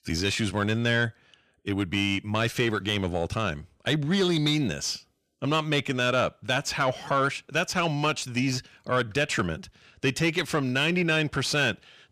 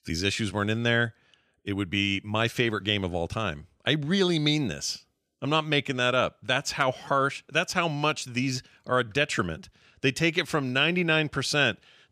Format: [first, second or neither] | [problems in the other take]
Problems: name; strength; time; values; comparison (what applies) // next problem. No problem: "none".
second | distortion; slight; 10 dB below the speech